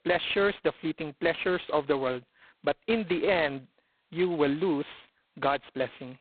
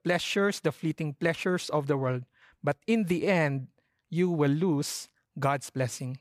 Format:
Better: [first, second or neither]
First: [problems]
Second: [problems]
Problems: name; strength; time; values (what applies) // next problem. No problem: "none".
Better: second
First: phone-call audio; poor line; nothing above 4 kHz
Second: none